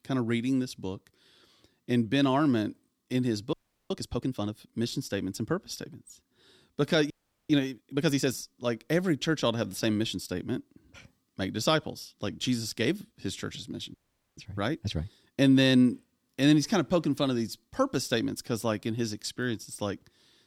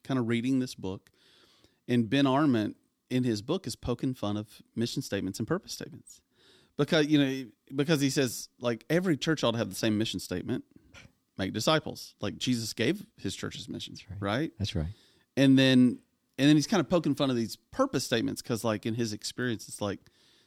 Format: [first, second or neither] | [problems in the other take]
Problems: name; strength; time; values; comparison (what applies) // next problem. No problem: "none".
second | audio freezing; at 3.5 s, at 7 s and at 14 s